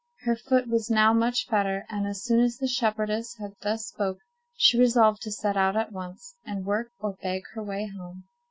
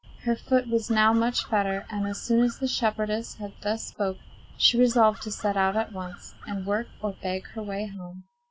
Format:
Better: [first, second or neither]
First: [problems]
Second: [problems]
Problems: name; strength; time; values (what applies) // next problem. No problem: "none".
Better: first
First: none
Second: background sound (Crow); 19 dB below the speech